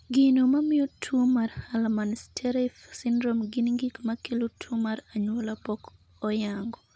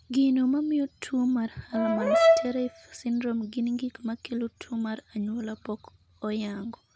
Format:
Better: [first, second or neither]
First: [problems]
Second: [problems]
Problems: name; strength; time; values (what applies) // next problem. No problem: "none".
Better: first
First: none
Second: background sound (Brass instrument); 4 dB above the speech